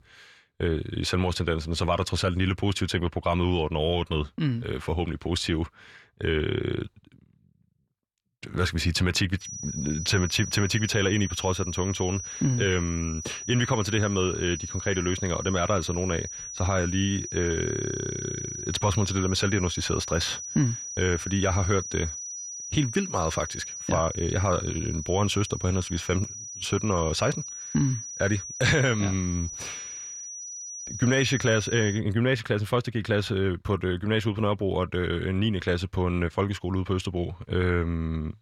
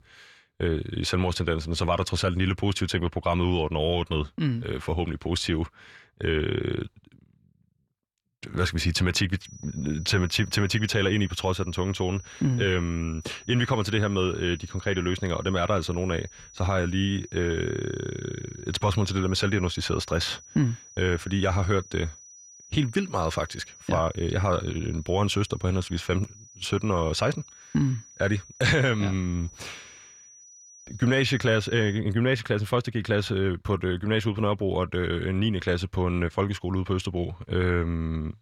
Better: second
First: high-pitched whine; loud; from 9.5 to 32 s; 6 kHz, 8 dB below the speech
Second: high-pitched whine; faint; from 9.5 to 32 s; 6 kHz, 20 dB below the speech

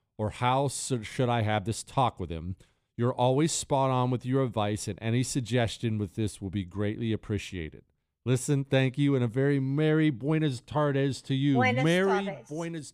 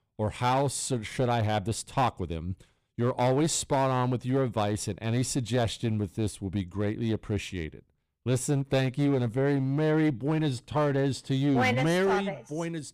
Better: first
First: none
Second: distortion; slight; 8% of the sound clipped

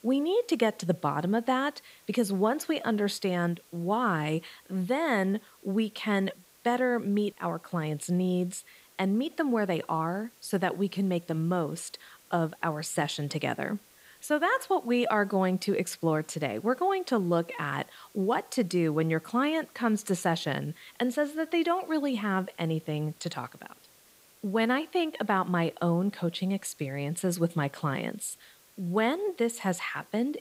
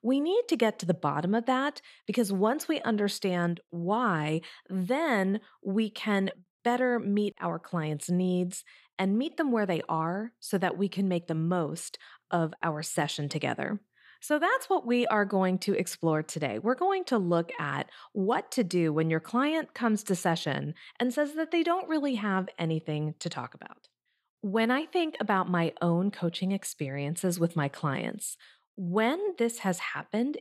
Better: second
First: hiss; faint; throughout; 25 dB below the speech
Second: none

